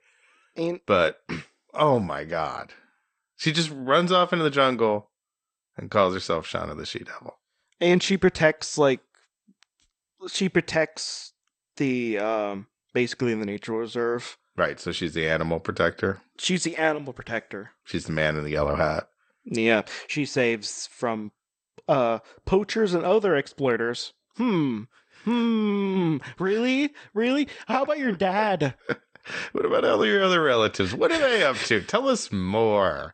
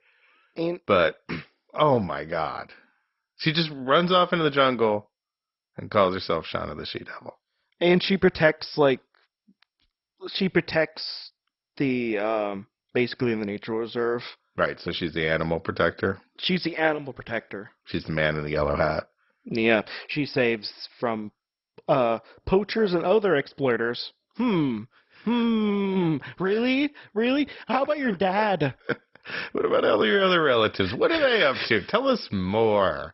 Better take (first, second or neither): first